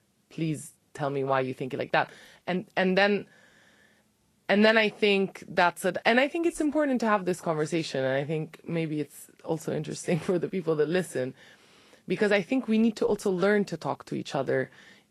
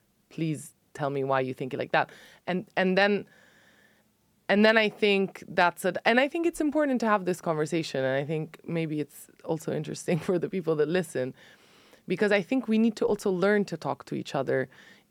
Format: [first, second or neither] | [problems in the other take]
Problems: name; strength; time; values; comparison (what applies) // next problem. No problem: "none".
second | garbled, watery; slightly; nothing above 12 kHz